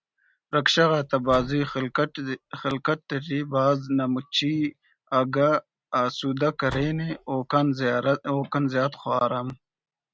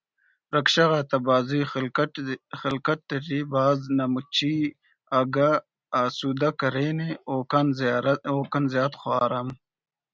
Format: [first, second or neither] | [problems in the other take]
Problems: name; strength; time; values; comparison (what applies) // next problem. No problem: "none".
second | background sound (Slam); 19 dB below the speech